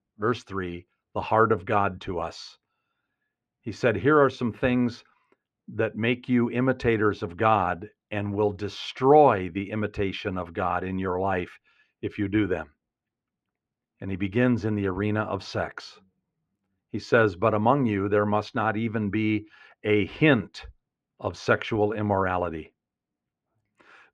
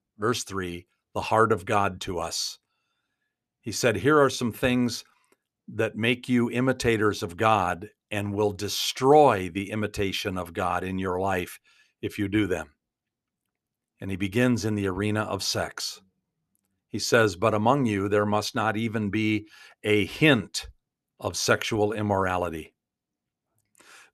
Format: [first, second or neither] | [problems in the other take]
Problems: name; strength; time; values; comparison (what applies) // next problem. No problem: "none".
second | muffled; slightly; fading above 2.5 kHz